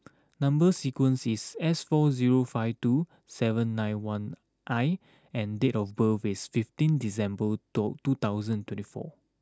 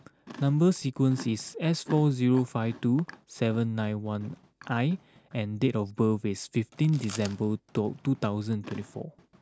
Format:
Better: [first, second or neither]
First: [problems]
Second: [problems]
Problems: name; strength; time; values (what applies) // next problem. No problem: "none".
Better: first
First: none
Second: background sound (Chewing, mastication); 20 dB below the speech